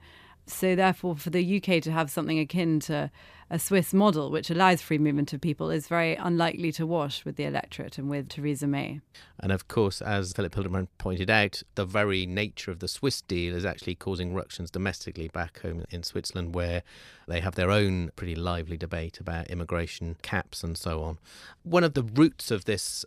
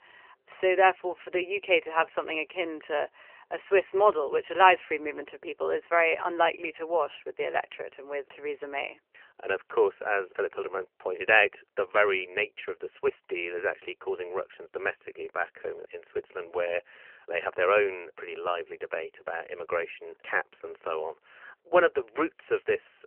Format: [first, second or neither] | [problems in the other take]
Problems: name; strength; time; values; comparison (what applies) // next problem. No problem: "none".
first | phone-call audio; nothing above 3 kHz